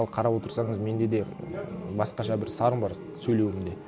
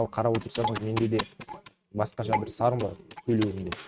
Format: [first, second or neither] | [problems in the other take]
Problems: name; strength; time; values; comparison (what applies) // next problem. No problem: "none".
first | noise reduction (neural mask model RNNoise)